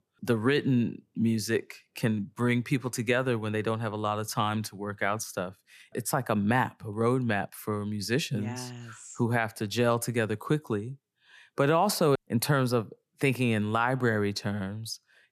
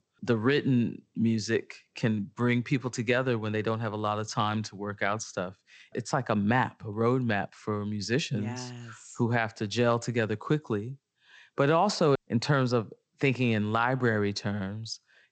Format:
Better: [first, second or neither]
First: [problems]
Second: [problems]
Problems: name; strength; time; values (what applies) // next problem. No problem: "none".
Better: first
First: none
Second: garbled, watery; slightly; nothing above 8 kHz